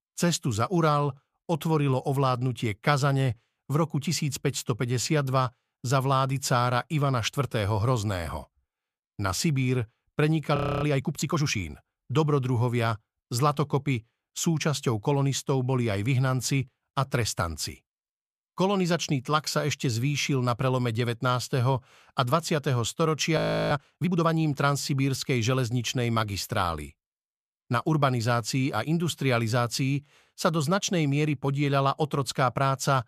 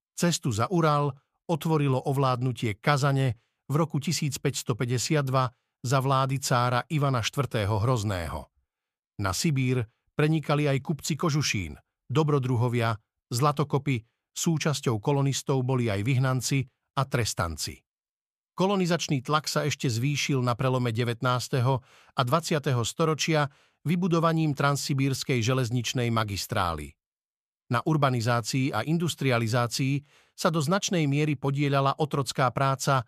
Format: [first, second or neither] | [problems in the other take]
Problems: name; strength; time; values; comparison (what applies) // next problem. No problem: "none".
second | audio freezing; at 11 s and at 23 s